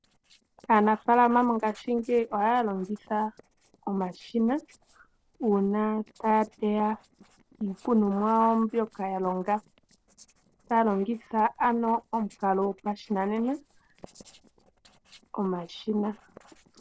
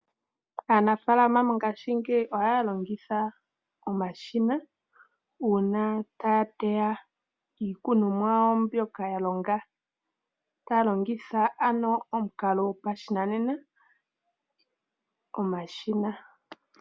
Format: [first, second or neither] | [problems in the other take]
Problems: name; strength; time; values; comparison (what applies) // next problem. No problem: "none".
second | noise reduction (neural separator model SepFormer DNS4)